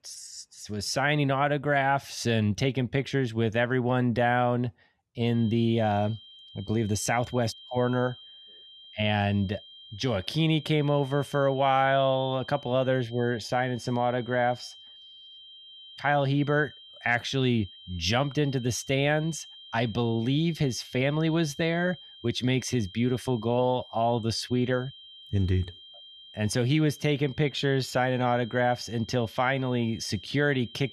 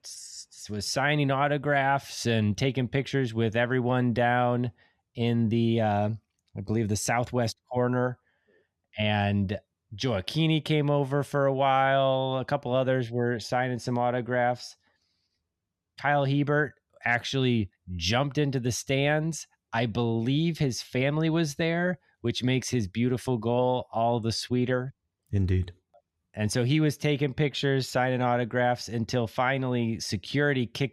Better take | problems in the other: second | high-pitched whine; noticeable; from 5.5 s on; 3 kHz, 20 dB below the speech

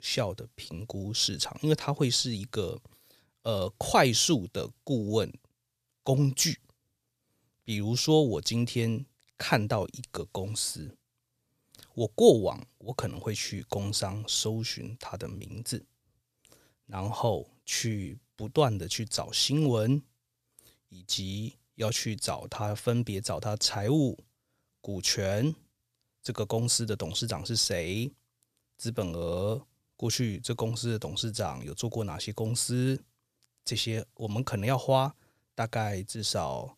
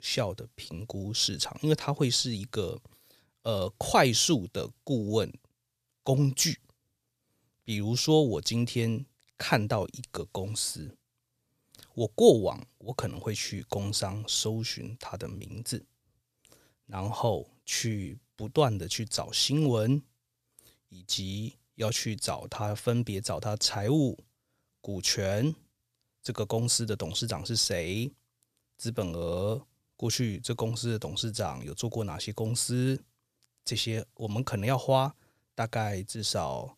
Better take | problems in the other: neither | none

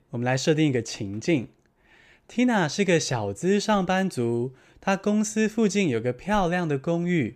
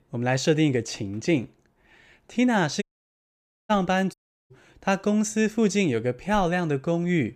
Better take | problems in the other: first | audio cutting out; at 3 s for 1 s and at 4 s

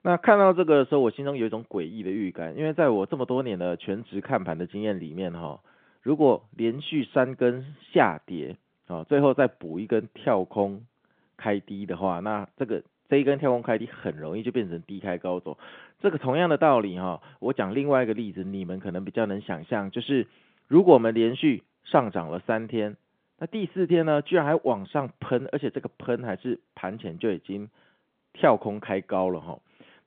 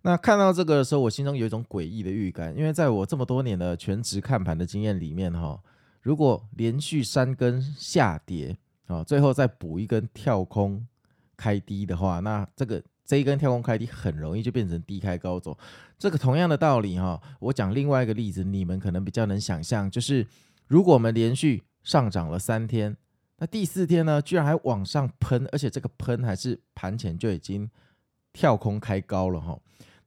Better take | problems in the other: second | phone-call audio

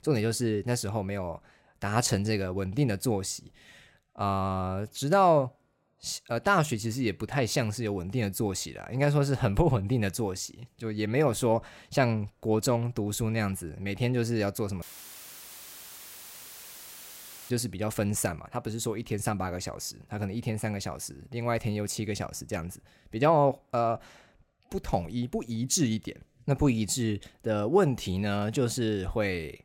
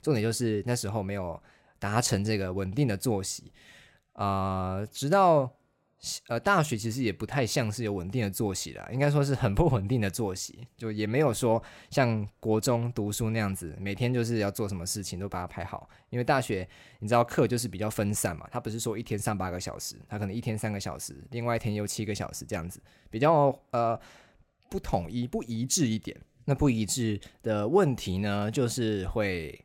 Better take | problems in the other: second | audio cutting out; filled with static; at 15 s for 2.5 s

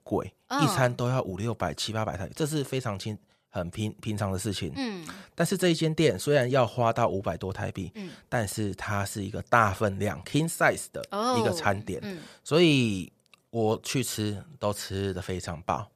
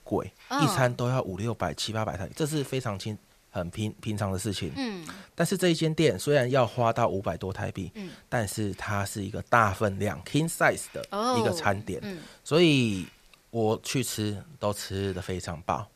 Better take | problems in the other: first | hiss; faint; throughout; 30 dB below the speech

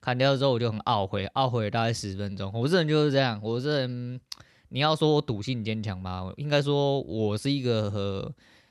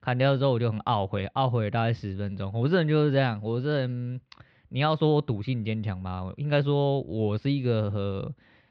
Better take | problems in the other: first | muffled; slightly; fading above 3.5 kHz

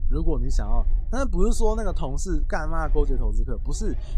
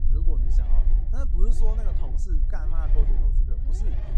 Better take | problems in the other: first | low rumble; loud; throughout; 3 dB below the speech; faint in the first

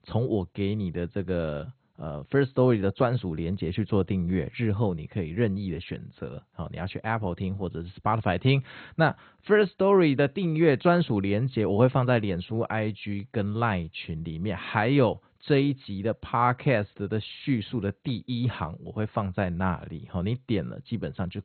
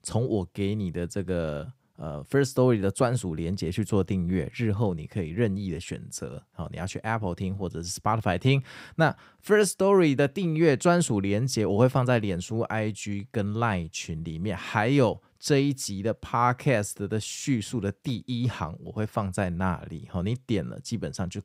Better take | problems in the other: second | garbled, watery; badly; nothing above 4 kHz

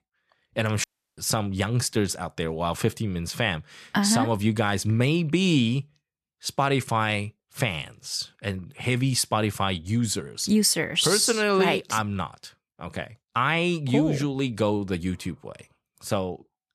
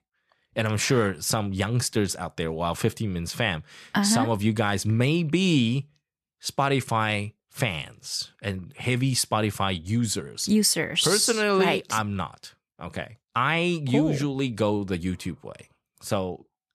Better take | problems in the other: second | audio cutting out; at 1 s

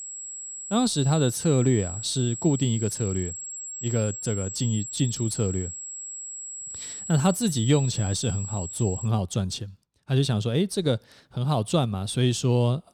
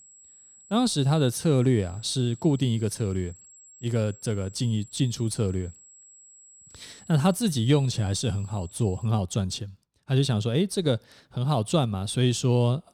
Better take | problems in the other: second | high-pitched whine; loud; until 9 s; 7.5 kHz, 8 dB below the speech; faint in the second

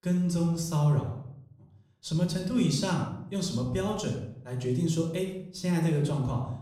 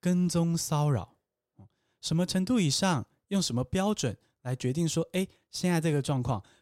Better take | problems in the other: second | room echo; noticeable; dies away in 0.6 s // off-mic speech; somewhat distant

